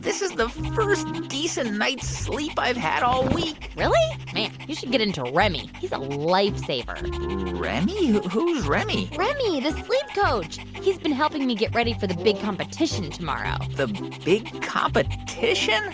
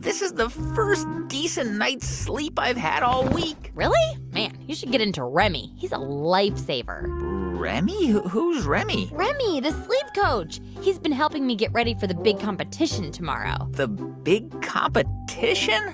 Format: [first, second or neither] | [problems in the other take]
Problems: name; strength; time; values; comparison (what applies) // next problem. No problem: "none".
second | background sound (Dog); 18 dB below the speech